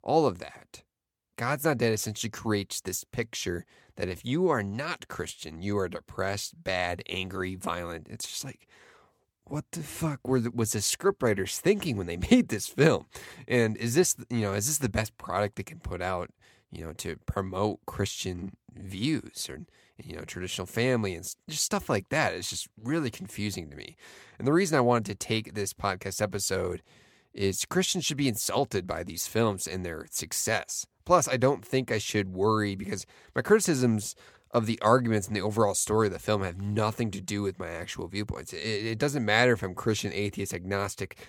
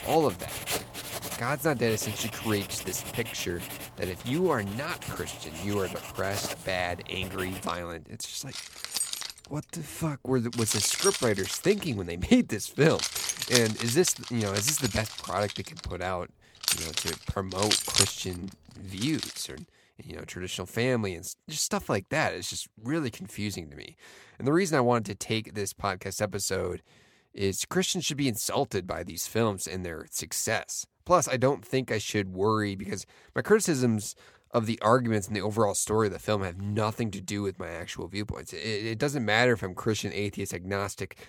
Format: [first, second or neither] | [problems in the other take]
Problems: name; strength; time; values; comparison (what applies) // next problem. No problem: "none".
first | household noises; loud; until 19 s; 3 dB below the speech